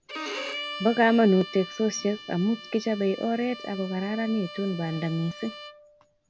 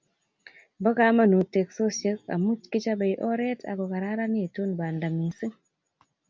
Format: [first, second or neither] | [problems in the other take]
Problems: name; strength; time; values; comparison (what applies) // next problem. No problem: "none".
second | background sound (Bowed string instrument); 13 dB below the speech